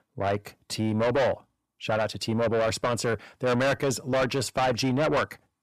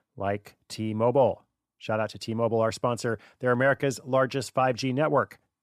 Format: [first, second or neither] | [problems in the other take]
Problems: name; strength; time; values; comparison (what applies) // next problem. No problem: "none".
second | distortion; heavy; 6 dB below the speech